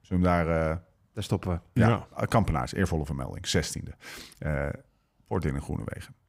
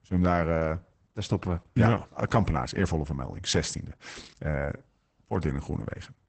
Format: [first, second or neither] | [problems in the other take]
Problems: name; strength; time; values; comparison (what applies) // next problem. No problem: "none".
first | garbled, watery; badly; nothing above 8 kHz